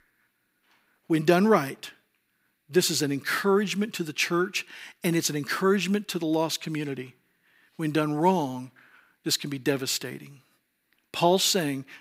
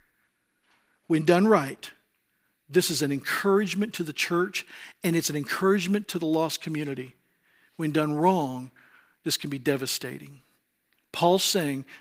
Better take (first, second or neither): first